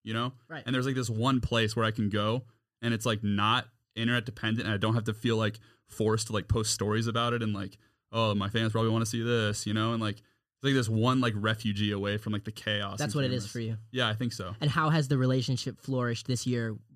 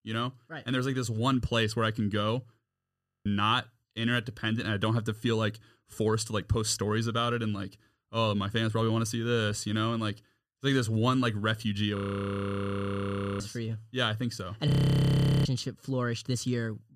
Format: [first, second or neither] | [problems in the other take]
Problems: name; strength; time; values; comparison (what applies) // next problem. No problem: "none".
first | audio freezing; at 2.5 s for 0.5 s, at 12 s for 1.5 s and at 15 s for 1 s